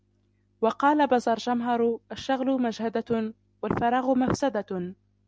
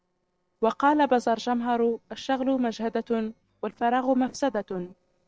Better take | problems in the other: first | noise reduction (neural separator model SepFormer DNS4)

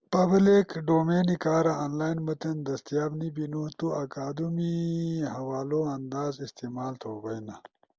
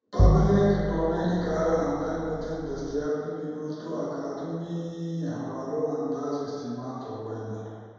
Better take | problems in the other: first | background sound (Bowed string instrument); 2 dB above the speech // room echo; dies away in 1.9 s

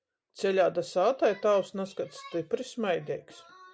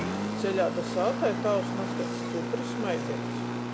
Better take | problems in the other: first | background sound (Engine); as loud as the speech

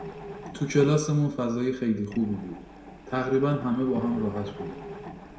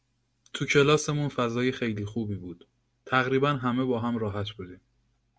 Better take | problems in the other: second | background sound (Mechanisms); 14 dB below the speech // room echo; dies away in 0.6 s

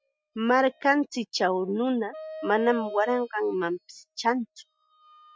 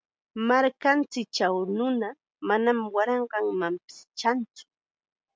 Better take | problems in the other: second | noise reduction (classical method Wiener filter)

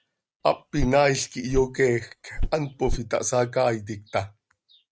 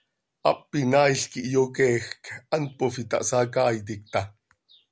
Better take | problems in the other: second | noise reduction (neural mask model RNNoise)

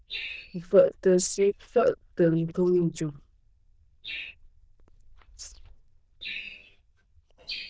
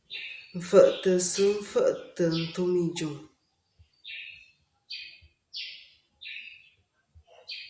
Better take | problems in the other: second | noise reduction (neural diffusion model UNIVERSE++)

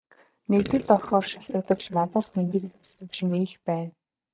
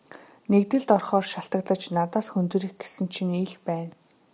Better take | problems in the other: second | noise reduction (neural mask model DeepFilterNet 3)

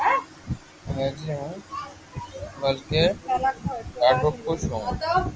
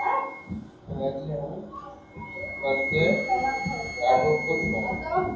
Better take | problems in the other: first | background sound (Wind instrument, woodwind instrument); 7 dB below the speech // room echo; dies away in 2.7 s

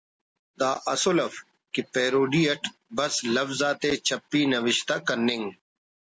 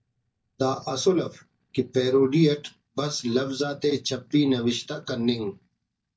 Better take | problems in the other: first | noise reduction (neural mask model DeepFilterNet 3)

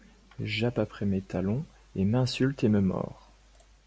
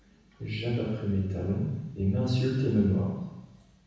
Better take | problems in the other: first | room echo; dies away in 1.1 s

